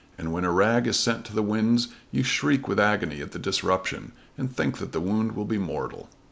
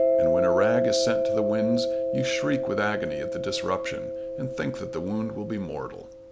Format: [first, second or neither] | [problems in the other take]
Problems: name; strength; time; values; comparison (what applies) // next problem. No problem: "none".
first | background sound (Mallet percussion); 3 dB above the speech